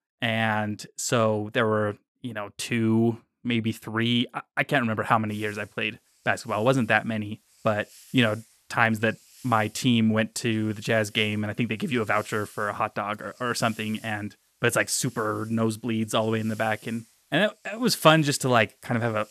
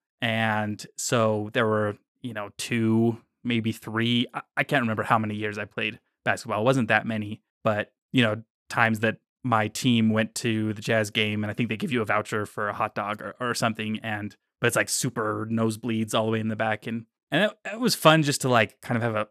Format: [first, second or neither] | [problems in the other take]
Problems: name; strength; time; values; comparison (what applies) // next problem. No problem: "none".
second | hiss; faint; from 5.5 s on; 25 dB below the speech